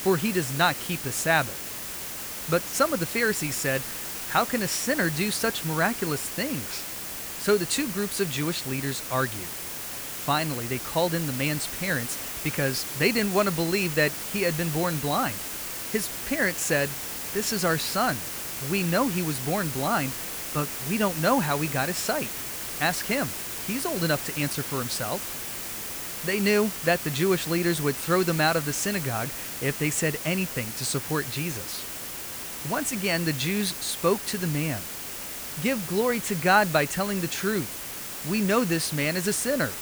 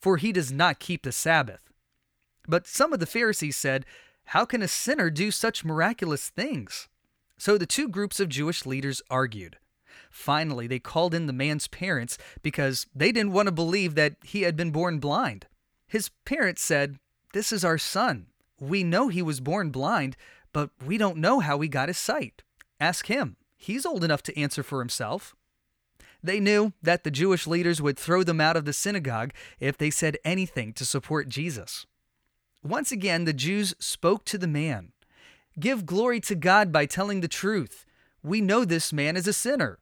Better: second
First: hiss; loud; throughout; 5 dB below the speech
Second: none

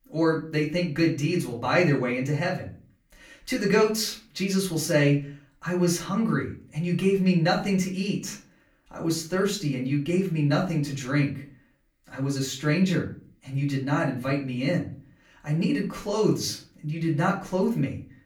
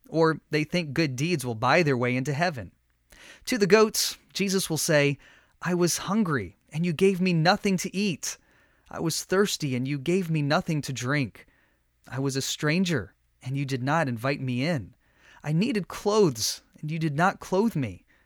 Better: second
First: off-mic speech; far // room echo; very slight; dies away in 0.3 s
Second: none

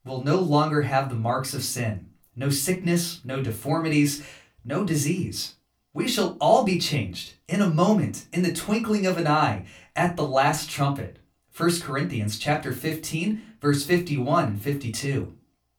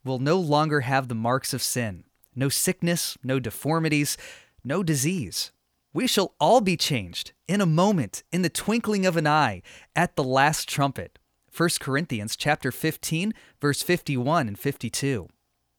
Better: second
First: off-mic speech; far // room echo; very slight; dies away in 0.2 s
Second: none

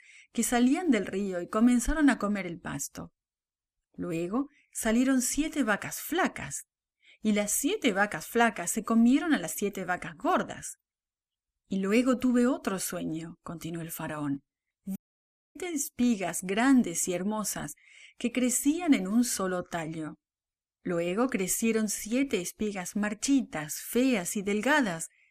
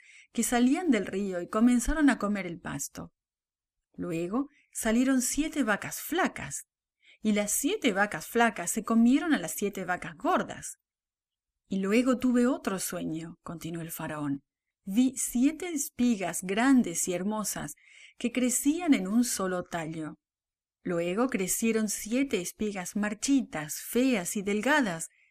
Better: second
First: audio cutting out; at 15 s for 0.5 s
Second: none

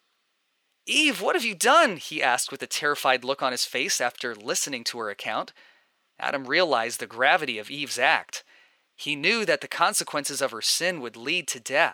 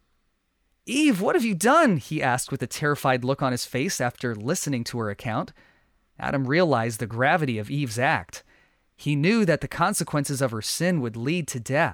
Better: second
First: thin; somewhat; fading below 450 Hz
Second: none

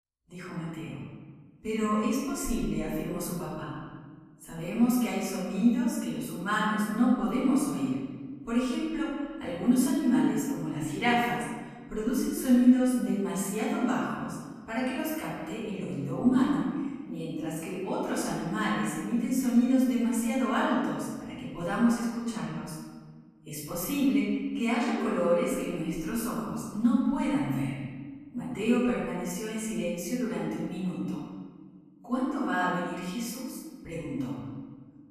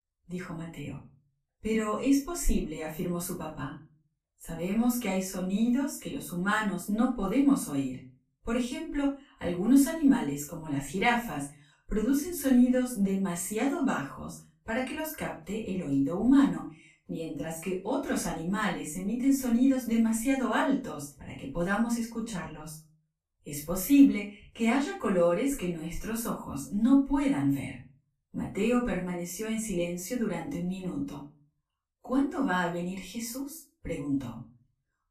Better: second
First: room echo; strong; dies away in 1.4 s // off-mic speech; far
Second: room echo; slight; dies away in 0.3 s // off-mic speech; far

